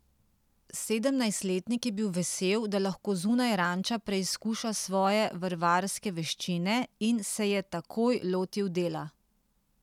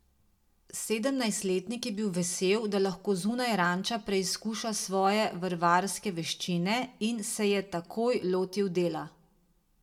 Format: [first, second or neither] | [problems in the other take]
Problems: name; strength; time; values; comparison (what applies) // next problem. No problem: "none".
first | room echo; dies away in 0.2 s